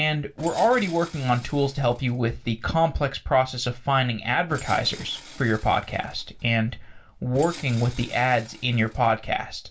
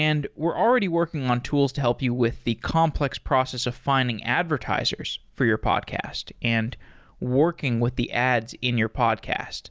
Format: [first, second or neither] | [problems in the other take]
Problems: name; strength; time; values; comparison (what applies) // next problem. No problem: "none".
second | background sound (Tools); 20 dB below the speech // room echo; dies away in 0.2 s